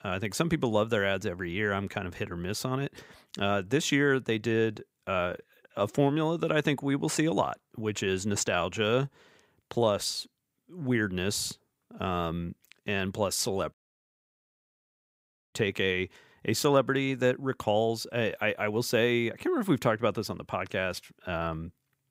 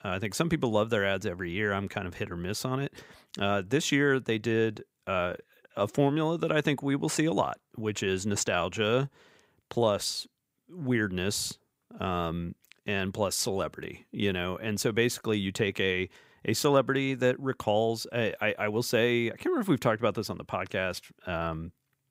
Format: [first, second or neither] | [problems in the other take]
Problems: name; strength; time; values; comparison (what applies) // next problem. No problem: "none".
second | audio cutting out; at 14 s for 2 s